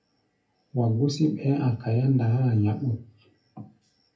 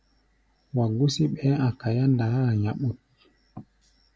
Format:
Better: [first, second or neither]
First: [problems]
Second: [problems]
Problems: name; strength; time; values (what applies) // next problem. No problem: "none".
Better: second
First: room echo; dies away in 0.3 s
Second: none